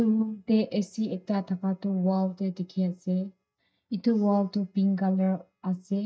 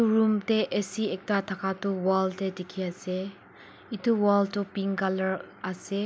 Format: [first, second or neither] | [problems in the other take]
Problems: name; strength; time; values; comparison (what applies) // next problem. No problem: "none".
second | noise reduction (neural mask model DeepFilterNet 3)